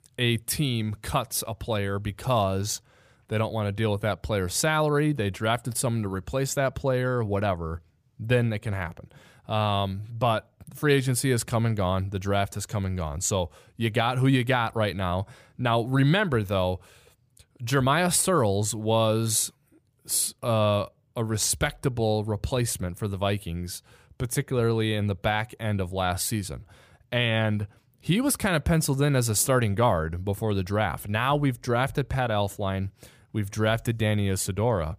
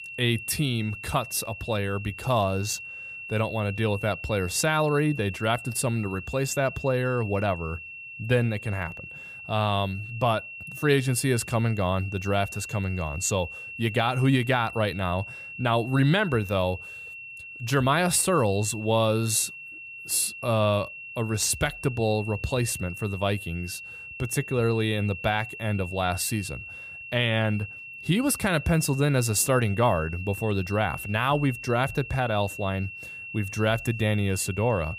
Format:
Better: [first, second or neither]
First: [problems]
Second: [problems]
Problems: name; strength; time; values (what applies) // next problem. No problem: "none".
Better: first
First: none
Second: high-pitched whine; noticeable; throughout; 2.5 kHz, 10 dB below the speech